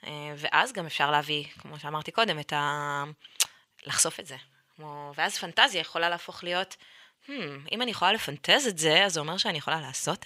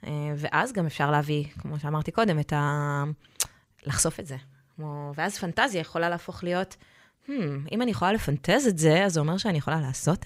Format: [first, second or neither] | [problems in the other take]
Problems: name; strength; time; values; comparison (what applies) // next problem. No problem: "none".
second | thin; somewhat; fading below 700 Hz